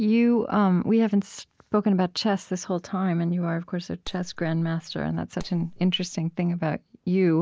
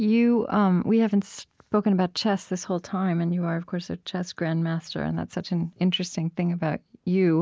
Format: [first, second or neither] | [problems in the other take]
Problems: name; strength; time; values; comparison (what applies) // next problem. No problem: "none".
second | background sound (Clapping); 19 dB below the speech